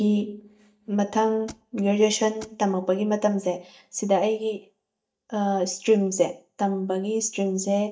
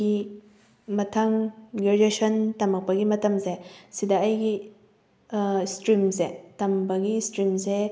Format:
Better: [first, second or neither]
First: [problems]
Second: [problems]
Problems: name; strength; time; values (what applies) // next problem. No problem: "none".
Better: second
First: noise reduction (neural mask model DeepFilterNet 3)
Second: none